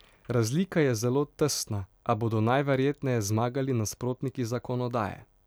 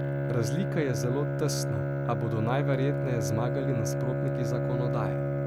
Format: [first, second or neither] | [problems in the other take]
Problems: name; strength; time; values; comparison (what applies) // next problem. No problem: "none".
first | background sound (Bowed string instrument); 3 dB above the speech